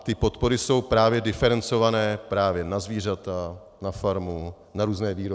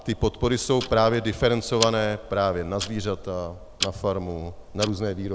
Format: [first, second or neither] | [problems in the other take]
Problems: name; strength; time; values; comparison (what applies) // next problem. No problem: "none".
first | background sound (Tick-tock); 12 dB below the speech